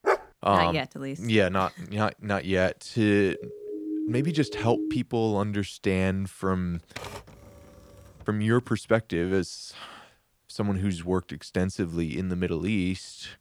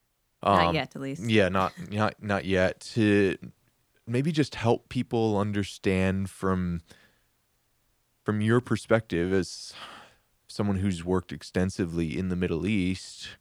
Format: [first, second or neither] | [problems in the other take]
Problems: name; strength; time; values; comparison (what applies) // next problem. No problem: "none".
second | dog barking; loud; at the start; peak level with the speech // siren; noticeable; from 3.5 to 5 s; peak 4 dB below the speech // keyboard typing; faint; from 7 to 8 s; peak 10 dB below the speech